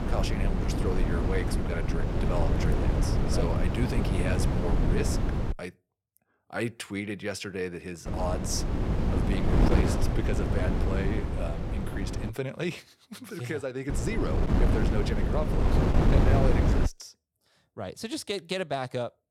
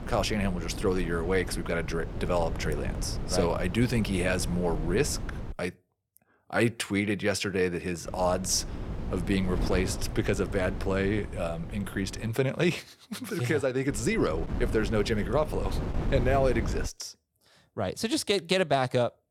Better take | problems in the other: second | wind noise on the microphone; heavy; until 5.5 s, from 8 to 12 s and from 14 to 17 s; 1 dB above the speech; occasional gusts in the second

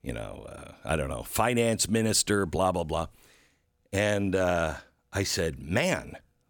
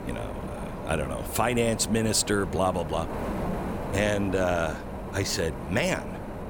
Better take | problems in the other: first | wind noise on the microphone; heavy; 9 dB below the speech

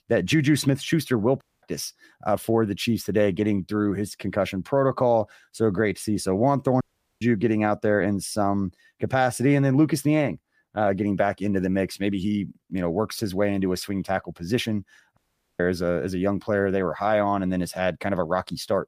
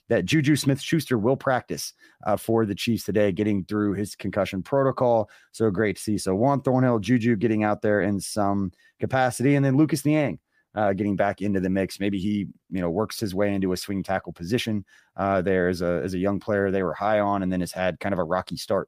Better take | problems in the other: second | audio cutting out; at 1.5 s, at 7 s and at 15 s

